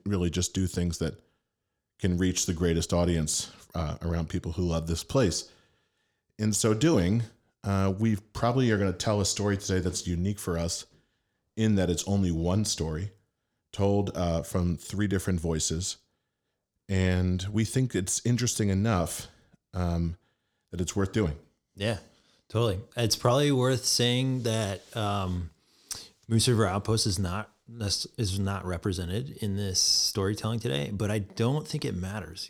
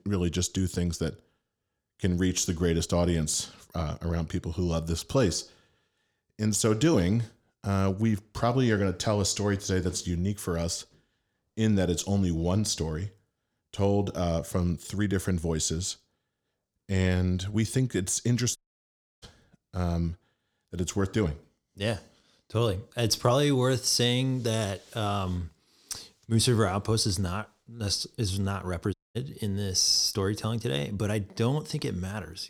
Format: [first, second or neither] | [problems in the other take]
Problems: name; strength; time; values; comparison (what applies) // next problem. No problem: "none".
first | audio cutting out; at 19 s for 0.5 s and at 29 s